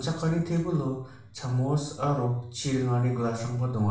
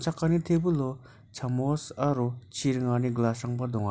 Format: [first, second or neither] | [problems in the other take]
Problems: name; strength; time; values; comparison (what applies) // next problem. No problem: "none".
second | room echo; dies away in 0.5 s